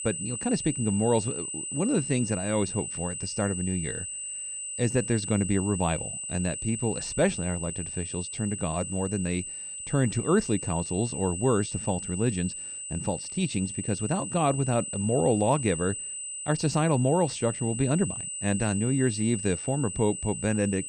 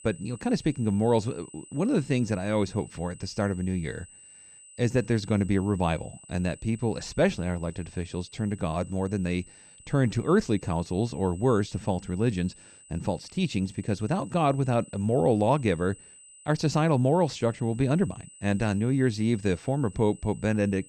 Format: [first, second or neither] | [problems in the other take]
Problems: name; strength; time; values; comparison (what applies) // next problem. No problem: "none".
second | high-pitched whine; loud; throughout; 8 kHz, 5 dB below the speech; faint in the second